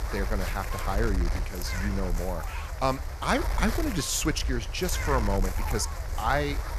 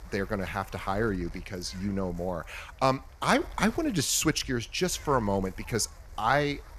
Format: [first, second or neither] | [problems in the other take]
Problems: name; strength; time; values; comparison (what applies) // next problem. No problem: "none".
second | wind noise on the microphone; heavy; 7 dB below the speech; occasional gusts in the second